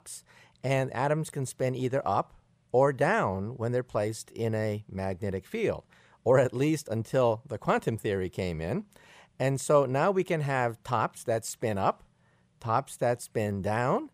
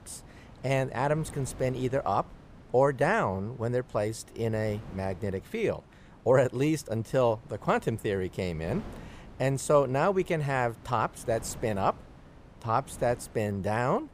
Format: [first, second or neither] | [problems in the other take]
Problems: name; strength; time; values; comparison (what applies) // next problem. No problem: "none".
first | wind noise on the microphone; occasional gusts; 25 dB below the speech